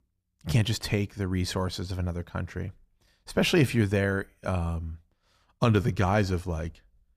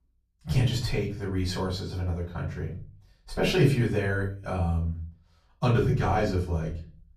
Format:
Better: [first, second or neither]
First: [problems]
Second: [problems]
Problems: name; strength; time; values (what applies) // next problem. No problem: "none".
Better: first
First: none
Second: room echo; slight; dies away in 0.4 s // off-mic speech; far